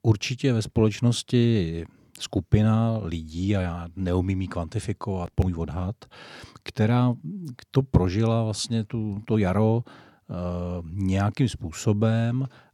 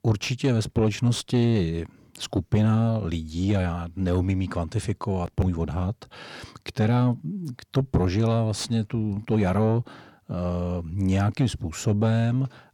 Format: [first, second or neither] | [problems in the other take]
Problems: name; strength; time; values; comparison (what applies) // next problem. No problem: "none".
first | distortion; slight; 10 dB below the speech